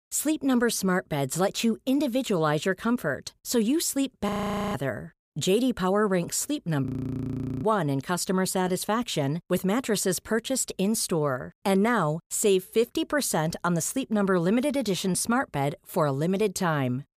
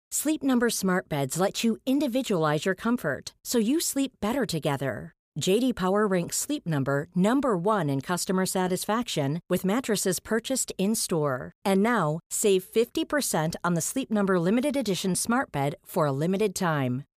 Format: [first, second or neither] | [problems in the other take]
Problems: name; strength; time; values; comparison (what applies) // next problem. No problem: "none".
second | audio freezing; at 4.5 s and at 7 s for 1 s